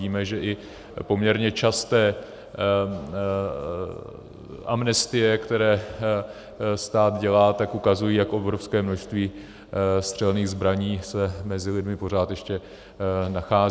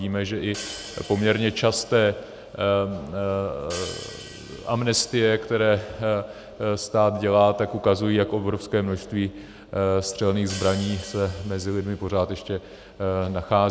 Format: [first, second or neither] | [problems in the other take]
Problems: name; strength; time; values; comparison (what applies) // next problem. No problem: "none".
first | background sound (Hi-hat); 19 dB below the speech